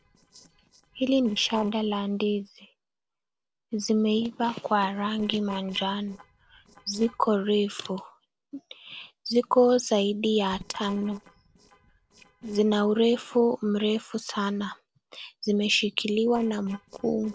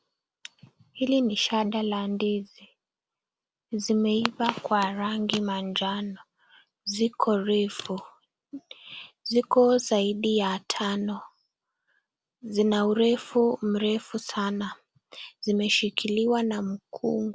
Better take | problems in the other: second | noise reduction (neural separator model SepFormer DNS4)

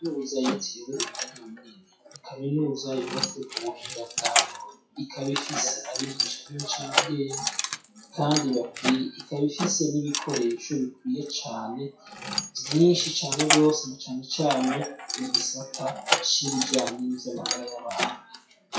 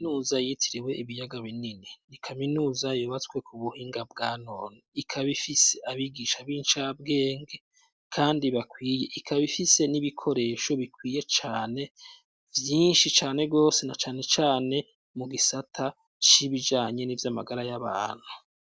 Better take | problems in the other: second | noise reduction (classical method WPE with log-MMSE)

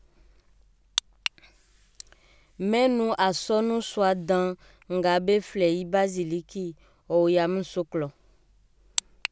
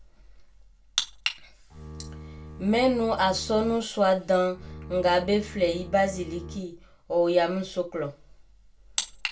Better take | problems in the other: first | background sound (Bowed string instrument); 15 dB below the speech // room echo; dies away in 0.2 s

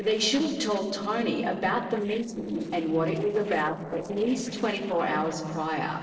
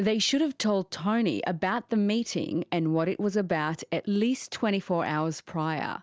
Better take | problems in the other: second | noise reduction (neural separator model SepFormer DNS4)

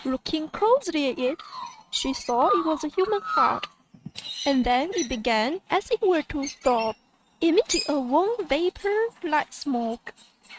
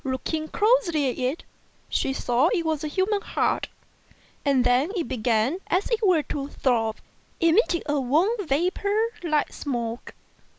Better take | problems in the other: second | noise reduction (neural mask model RNNoise)

